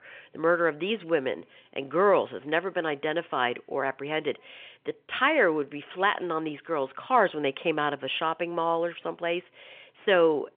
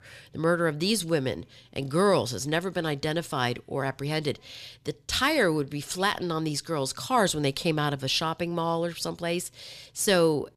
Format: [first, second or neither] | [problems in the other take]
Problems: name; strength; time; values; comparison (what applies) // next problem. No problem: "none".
second | phone-call audio; nothing above 3.5 kHz